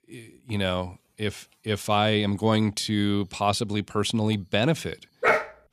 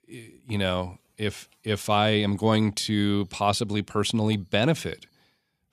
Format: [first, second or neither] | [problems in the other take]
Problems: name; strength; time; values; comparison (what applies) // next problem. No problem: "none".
second | dog barking; loud; at 5 s; peak 3 dB above the speech